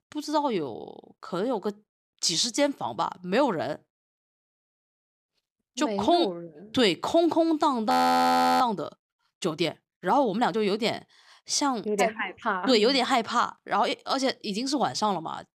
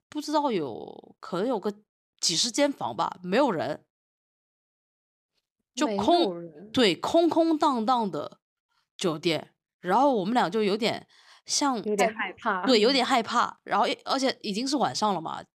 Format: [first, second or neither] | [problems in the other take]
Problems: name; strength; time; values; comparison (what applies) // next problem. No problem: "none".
second | audio freezing; at 8 s for 0.5 s